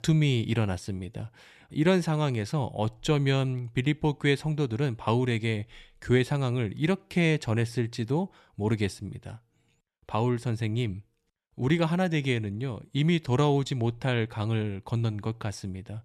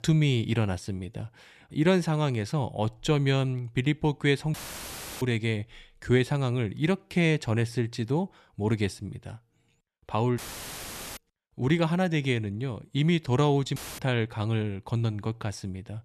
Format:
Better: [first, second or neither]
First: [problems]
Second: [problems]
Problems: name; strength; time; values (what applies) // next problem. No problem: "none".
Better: first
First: none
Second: audio cutting out; filled with static; at 4.5 s for 0.5 s, at 10 s for 1 s and at 14 s